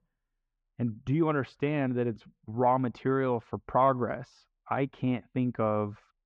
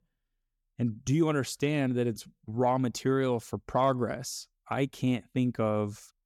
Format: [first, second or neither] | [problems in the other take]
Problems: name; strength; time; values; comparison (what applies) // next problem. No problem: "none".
second | muffled; very; fading above 2.5 kHz